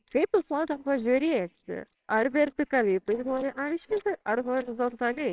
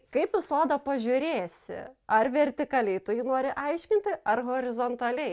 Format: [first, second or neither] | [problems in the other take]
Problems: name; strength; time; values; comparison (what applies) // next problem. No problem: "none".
second | noise reduction (neural separator model SepFormer WHAMR!)